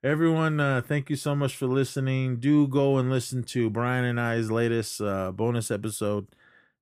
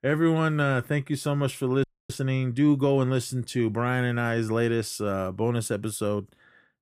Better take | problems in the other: first | audio freezing; at 2 s

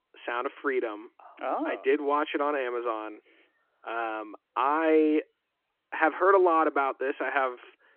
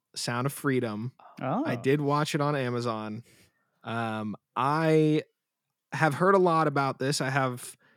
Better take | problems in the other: second | phone-call audio

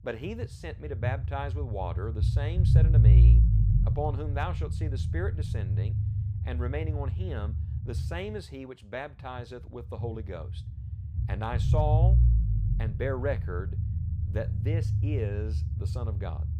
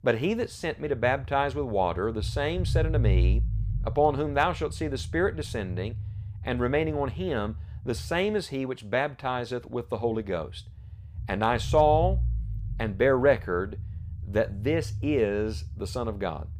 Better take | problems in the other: second | low rumble; loud; throughout; 5 dB below the speech; faint in the second

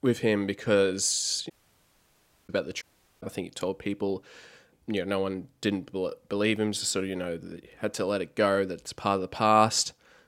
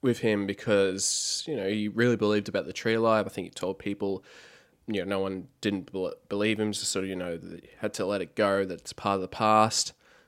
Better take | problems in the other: second | audio cutting out; at 1.5 s for 1 s and at 3 s

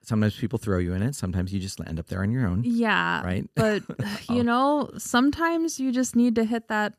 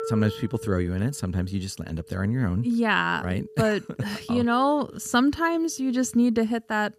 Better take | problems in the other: first | background music; noticeable; throughout; 20 dB below the speech

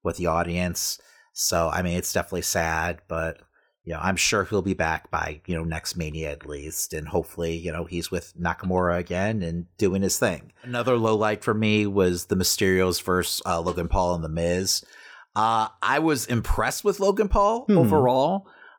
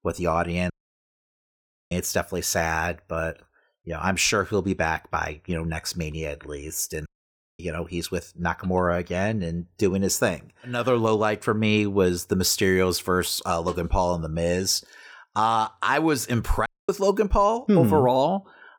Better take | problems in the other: first | audio cutting out; at 0.5 s for 1 s, at 7 s for 0.5 s and at 17 s

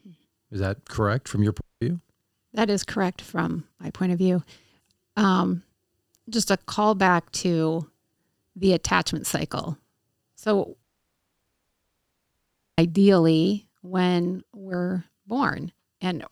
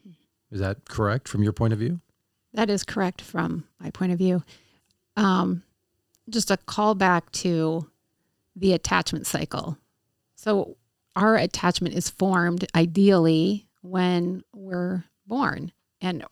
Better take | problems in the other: second | audio cutting out; at 1.5 s and at 11 s for 2 s

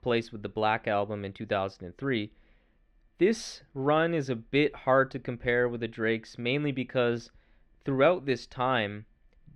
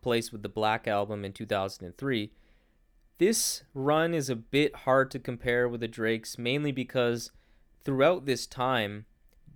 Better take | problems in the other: second | muffled; slightly; fading above 3 kHz

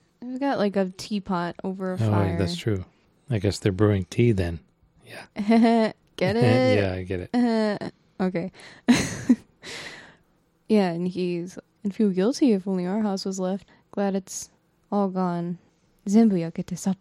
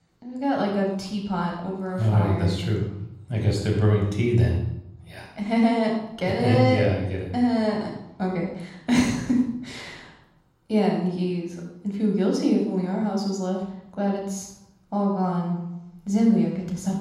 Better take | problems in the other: first | off-mic speech; somewhat distant // room echo; noticeable; dies away in 0.7 s

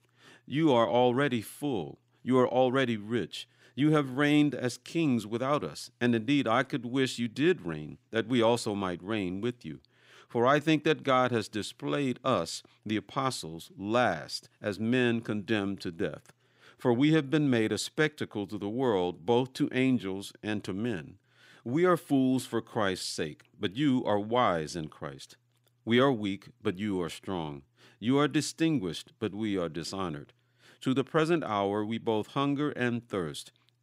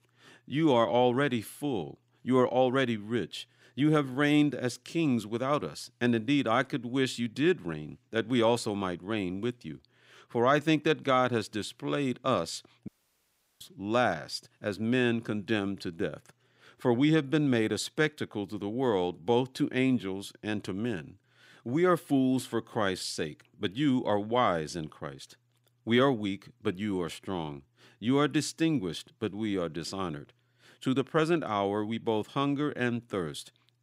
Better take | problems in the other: first | audio cutting out; at 13 s for 0.5 s

